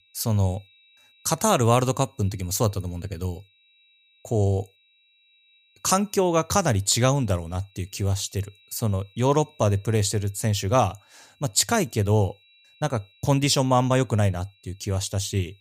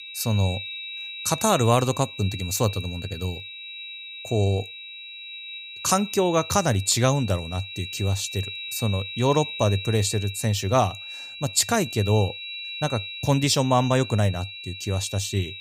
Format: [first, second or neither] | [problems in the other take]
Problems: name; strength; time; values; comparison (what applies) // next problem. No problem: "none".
first | high-pitched whine; loud; throughout; 4 kHz, 10 dB below the speech; faint in the first